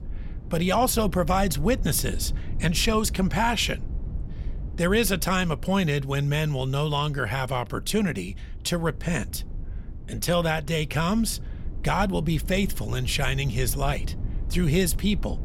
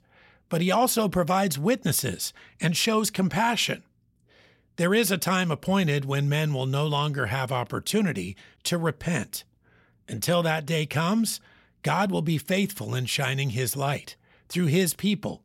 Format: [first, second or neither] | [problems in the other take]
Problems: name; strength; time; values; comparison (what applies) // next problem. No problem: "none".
second | low rumble; faint; throughout; 20 dB below the speech